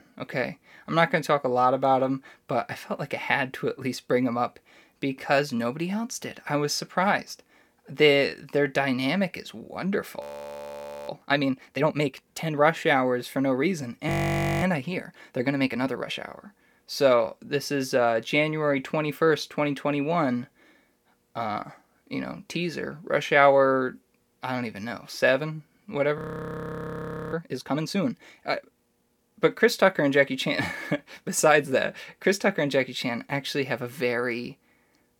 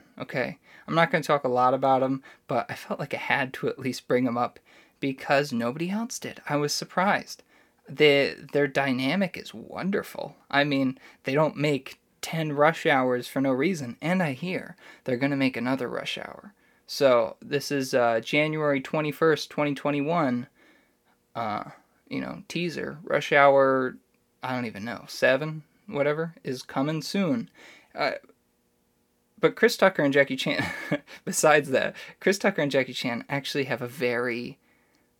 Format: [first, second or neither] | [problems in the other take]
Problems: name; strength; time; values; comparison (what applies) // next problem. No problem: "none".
second | audio freezing; at 10 s for 1 s, at 14 s for 0.5 s and at 26 s for 1 s